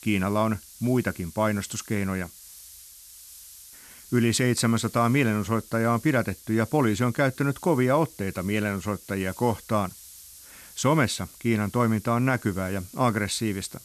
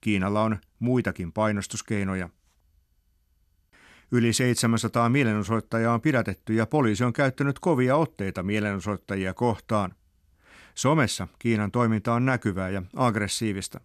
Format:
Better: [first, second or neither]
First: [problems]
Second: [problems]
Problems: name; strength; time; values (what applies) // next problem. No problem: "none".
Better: second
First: hiss; noticeable; throughout; 20 dB below the speech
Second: none